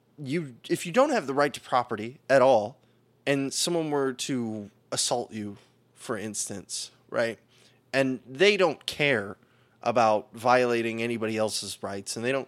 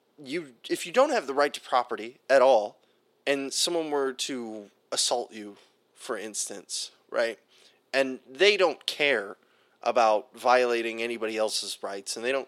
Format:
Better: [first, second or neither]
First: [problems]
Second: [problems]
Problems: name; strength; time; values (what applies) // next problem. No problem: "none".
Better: first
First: none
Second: thin; very slightly; fading below 400 Hz